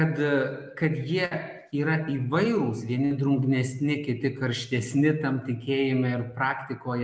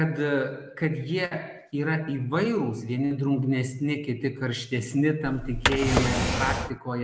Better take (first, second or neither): first